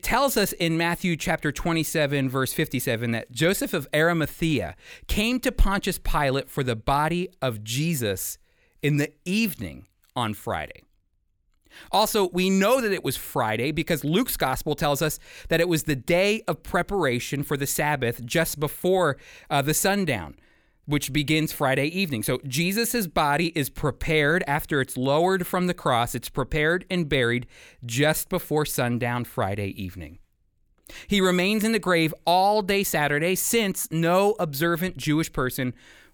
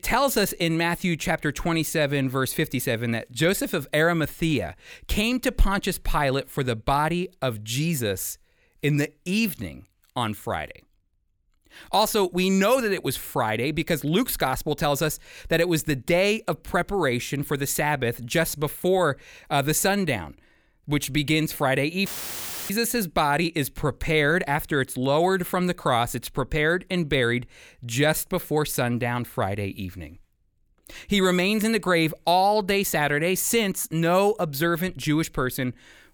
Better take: first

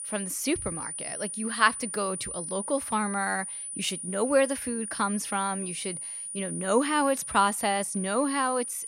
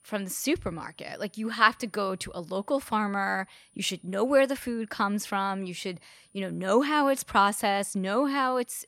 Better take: second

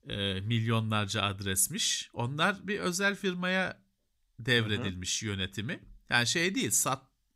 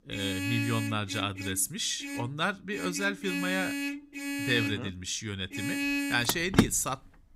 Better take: first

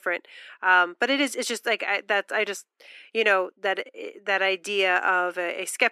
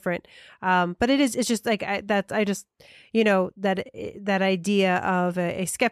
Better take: second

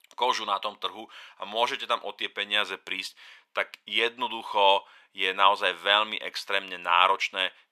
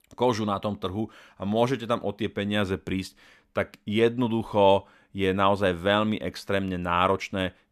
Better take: second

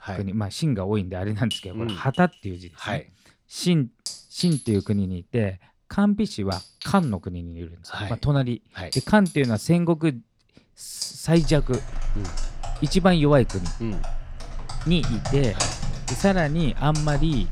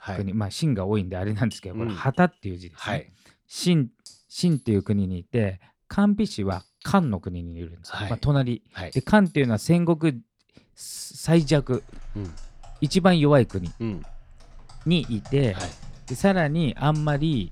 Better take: second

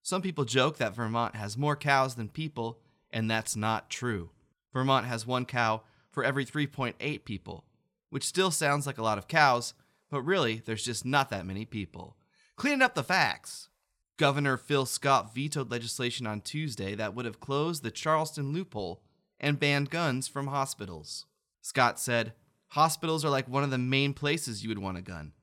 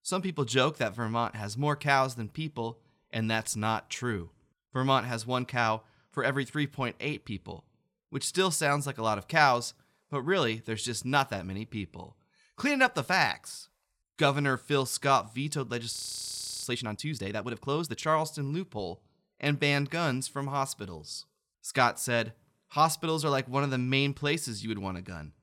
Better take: first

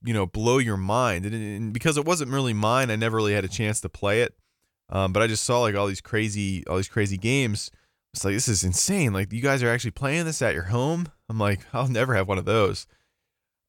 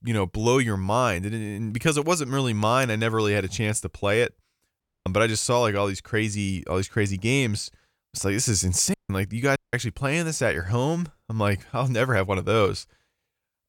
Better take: first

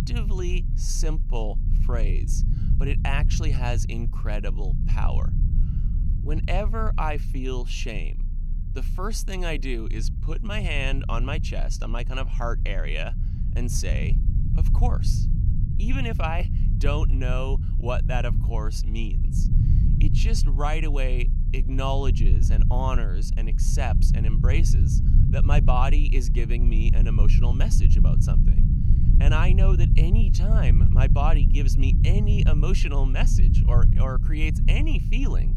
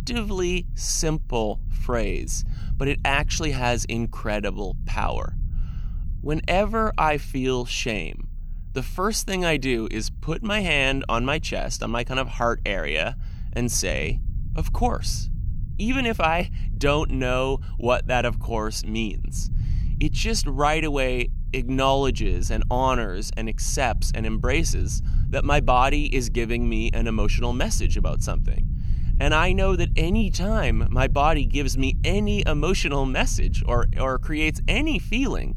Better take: second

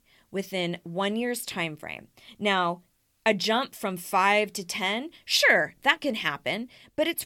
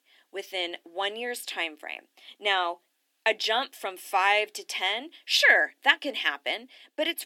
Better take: first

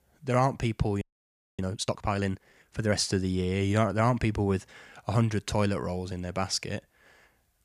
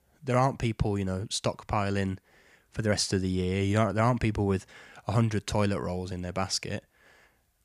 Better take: second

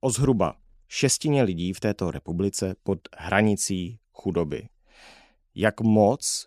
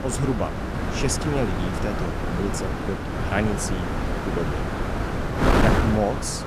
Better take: first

